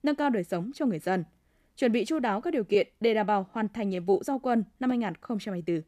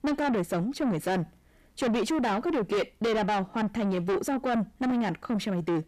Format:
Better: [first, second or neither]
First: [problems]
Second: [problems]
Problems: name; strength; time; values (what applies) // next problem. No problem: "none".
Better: first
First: none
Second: distortion; heavy; 7 dB below the speech